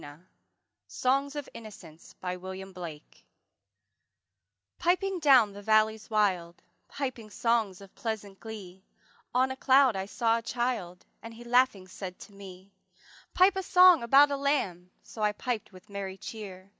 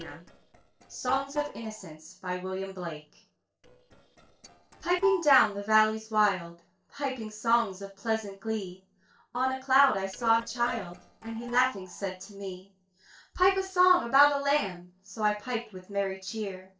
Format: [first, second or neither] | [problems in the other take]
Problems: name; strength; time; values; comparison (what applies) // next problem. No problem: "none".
first | noise reduction (neural separator model SepFormer DNS4)